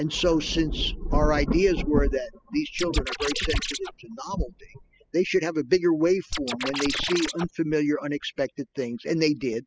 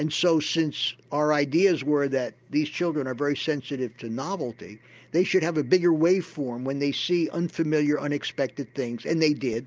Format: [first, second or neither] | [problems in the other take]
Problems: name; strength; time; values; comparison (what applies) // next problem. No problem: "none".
second | noise reduction (classical method spectral subtraction)